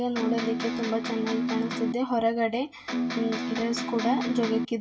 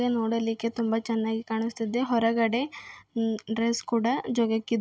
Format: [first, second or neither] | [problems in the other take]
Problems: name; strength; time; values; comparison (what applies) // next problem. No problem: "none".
second | background sound (Electric guitar); 1 dB below the speech // room echo; dies away in 0.2 s